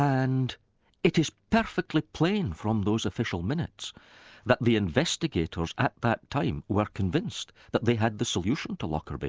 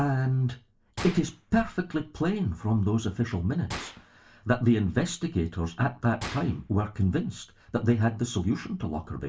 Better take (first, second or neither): first